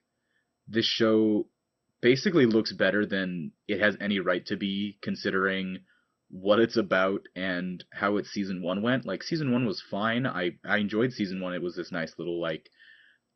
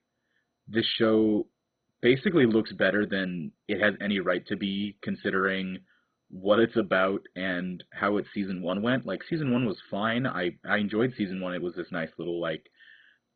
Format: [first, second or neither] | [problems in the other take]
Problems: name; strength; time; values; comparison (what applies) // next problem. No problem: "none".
first | garbled, watery; badly; nothing above 4 kHz; slightly in the first